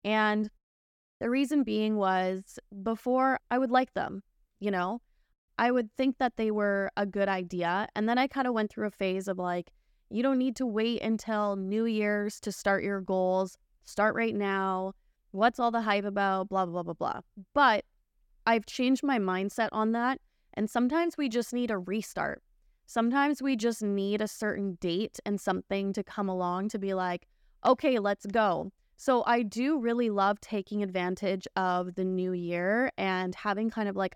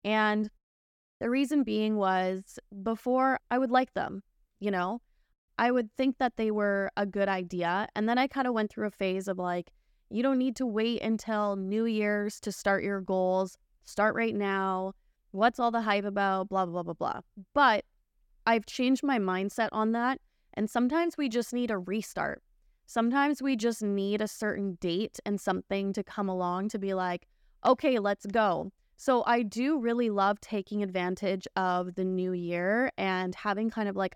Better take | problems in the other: neither | none

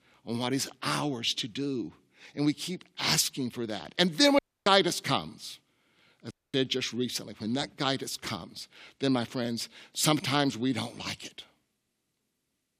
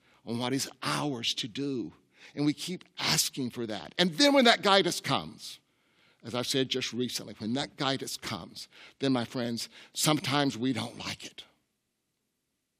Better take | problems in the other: second | audio cutting out; at 4.5 s and at 6.5 s

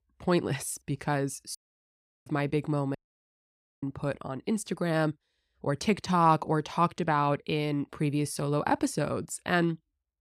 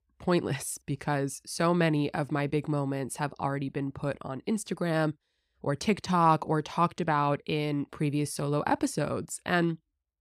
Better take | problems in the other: second | audio cutting out; at 1.5 s for 0.5 s and at 3 s for 1 s

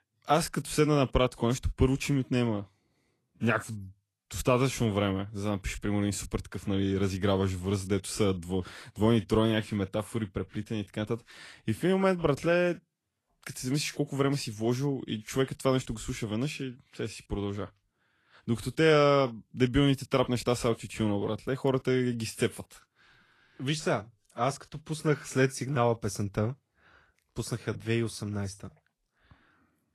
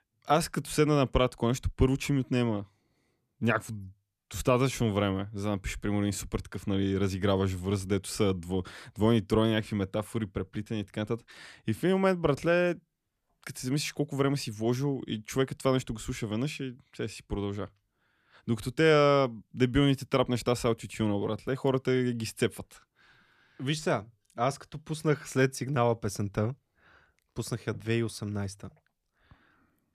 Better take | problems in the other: second | garbled, watery; slightly; nothing above 12.5 kHz

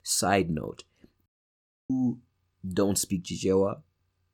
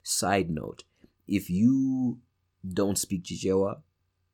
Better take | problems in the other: second | audio cutting out; at 1.5 s for 0.5 s

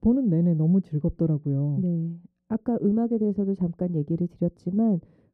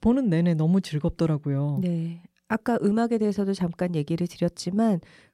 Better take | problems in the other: second | muffled; very; fading above 1 kHz

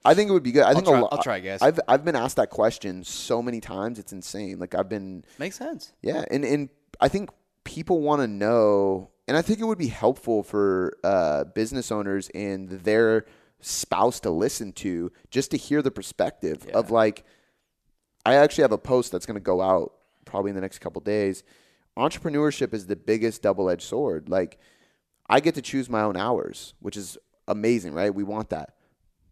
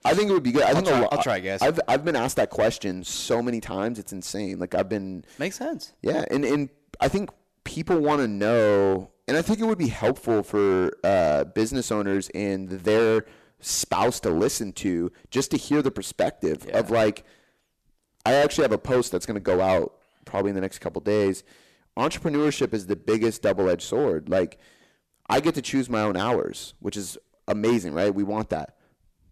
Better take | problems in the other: first | distortion; heavy; 8% of the sound clipped

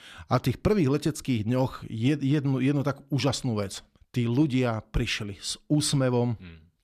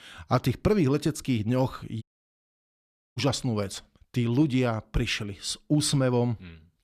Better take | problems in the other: first | audio cutting out; at 2 s for 1 s

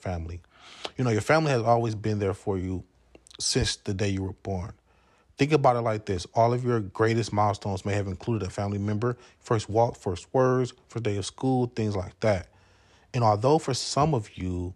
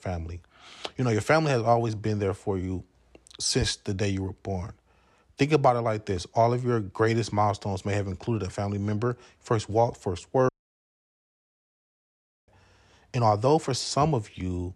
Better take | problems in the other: first | audio cutting out; at 10 s for 2 s

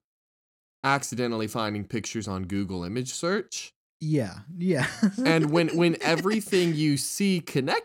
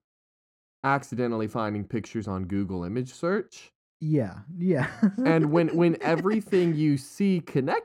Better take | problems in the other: first | muffled; slightly; fading above 2.5 kHz

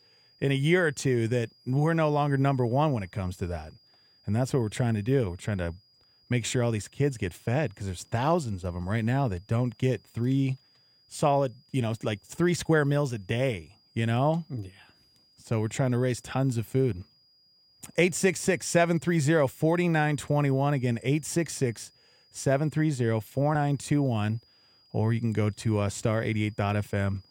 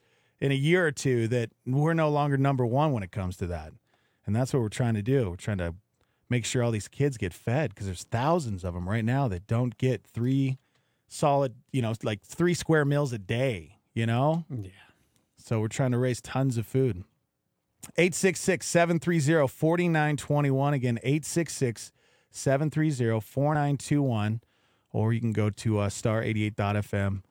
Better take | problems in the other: second | high-pitched whine; faint; throughout; 5 kHz, 30 dB below the speech

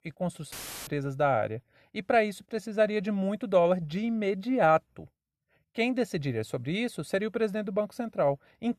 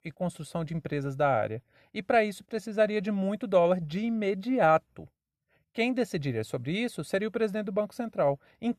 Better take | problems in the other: second | audio cutting out; filled with static; at 0.5 s

